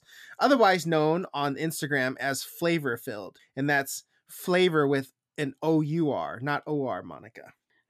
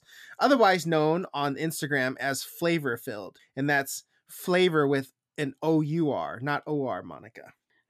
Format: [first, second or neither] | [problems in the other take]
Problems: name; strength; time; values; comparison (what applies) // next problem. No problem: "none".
neither | none